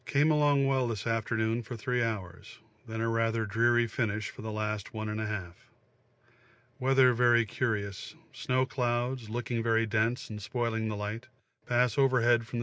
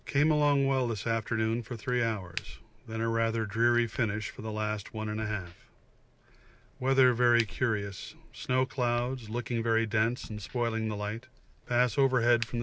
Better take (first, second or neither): first